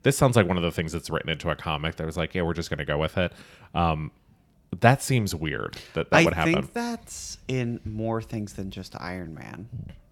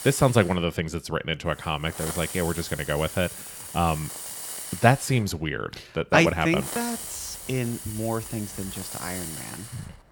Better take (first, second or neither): first